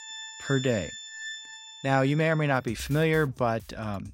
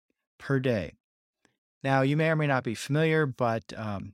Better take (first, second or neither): second